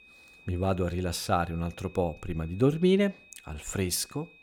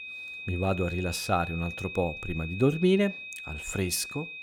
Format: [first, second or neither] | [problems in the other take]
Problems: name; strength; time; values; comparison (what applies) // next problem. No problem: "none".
first | high-pitched whine; loud; throughout; 2.5 kHz, 9 dB below the speech; faint in the first